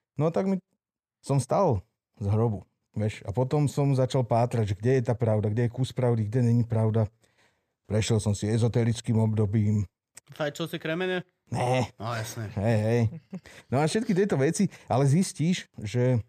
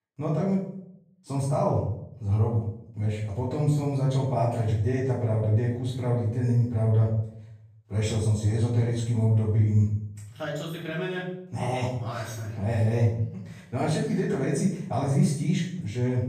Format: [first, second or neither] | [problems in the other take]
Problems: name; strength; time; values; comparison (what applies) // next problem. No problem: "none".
first | off-mic speech; far // room echo; noticeable; dies away in 0.6 s